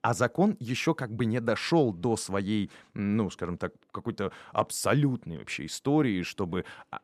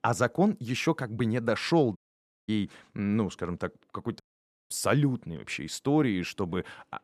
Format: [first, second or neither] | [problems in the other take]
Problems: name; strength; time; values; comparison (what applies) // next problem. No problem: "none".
first | audio cutting out; at 2 s for 0.5 s and at 4 s for 0.5 s